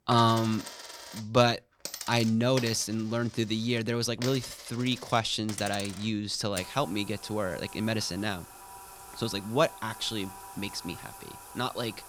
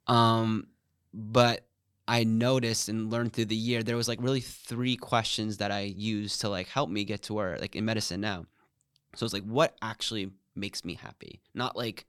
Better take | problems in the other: second | household noises; noticeable; throughout; 15 dB below the speech

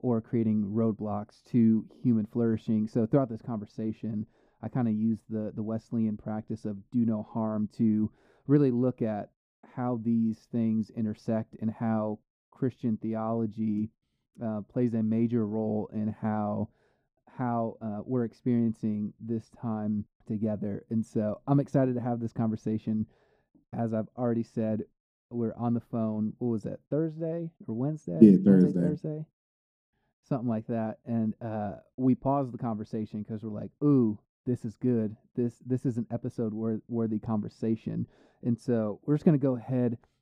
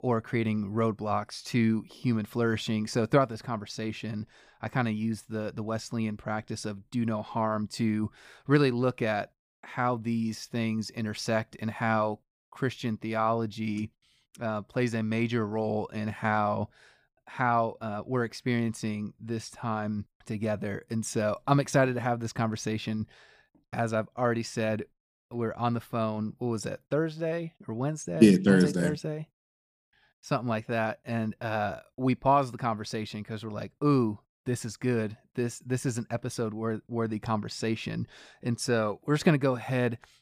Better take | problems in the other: second | muffled; slightly; fading above 1 kHz

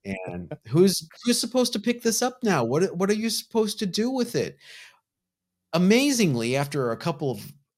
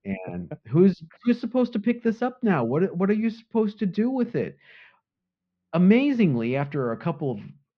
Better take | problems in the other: first | muffled; very; fading above 2.5 kHz

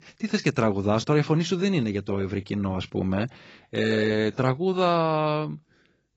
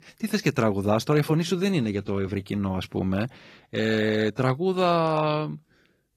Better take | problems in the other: second | garbled, watery; badly; nothing above 7.5 kHz; slightly in the second

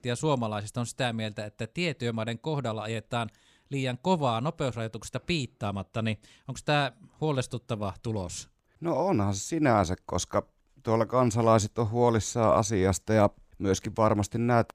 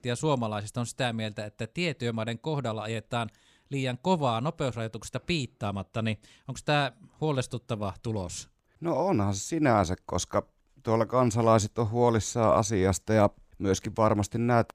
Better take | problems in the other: neither | none

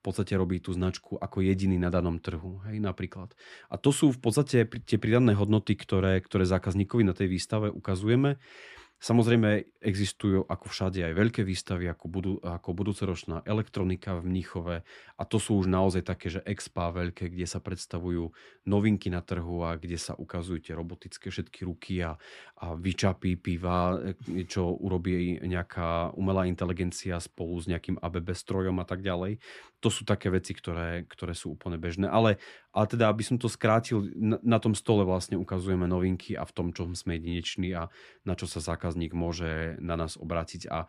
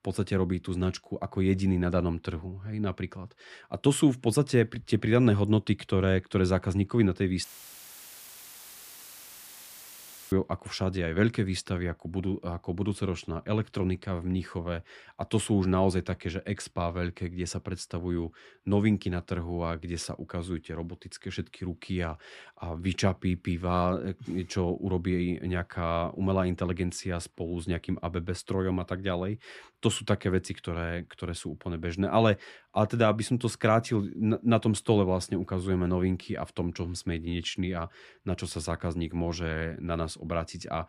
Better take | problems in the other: first | audio cutting out; filled with static; at 7.5 s for 3 s

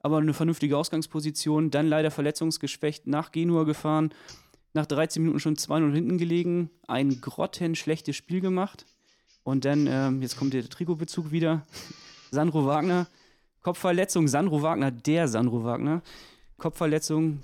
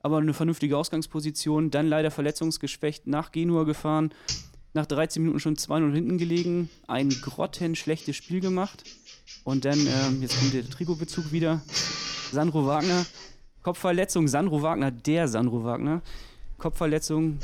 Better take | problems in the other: first | household noises; loud; throughout; 6 dB below the speech; faint in the first

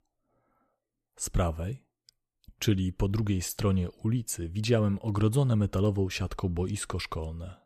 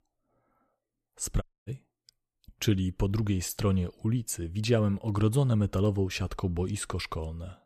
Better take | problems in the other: first | audio cutting out; at 1.5 s

